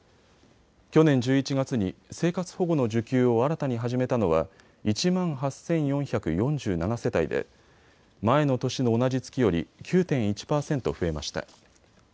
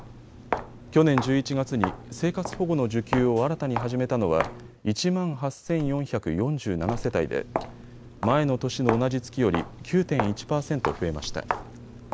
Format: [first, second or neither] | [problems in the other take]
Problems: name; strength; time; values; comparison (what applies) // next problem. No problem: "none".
first | background sound (Bird + Walk, footsteps); 9 dB below the speech